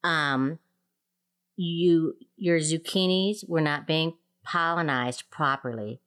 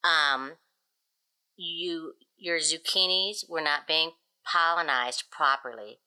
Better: first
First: none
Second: thin; very; fading below 800 Hz

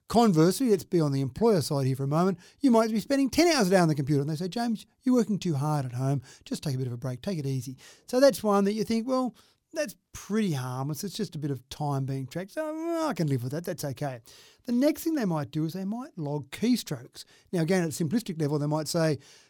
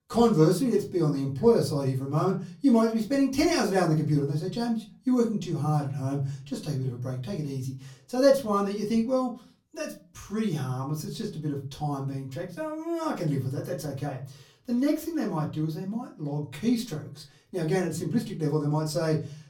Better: first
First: none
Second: off-mic speech; far // room echo; very slight; dies away in 0.3 s

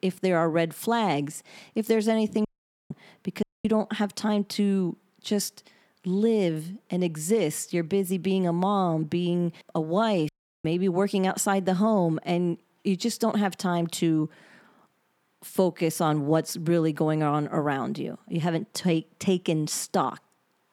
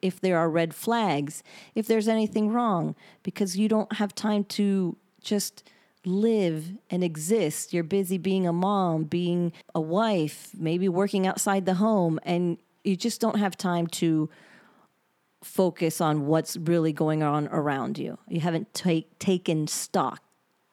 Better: second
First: audio cutting out; at 2.5 s, at 3.5 s and at 10 s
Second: none

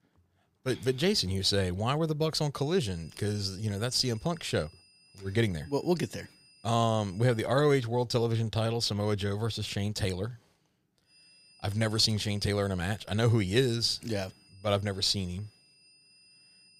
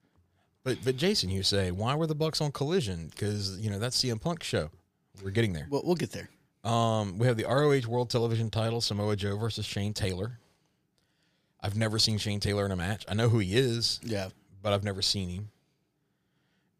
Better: second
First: high-pitched whine; faint; from 2.5 to 7.5 s and from 11 s on; 5 kHz, 30 dB below the speech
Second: none

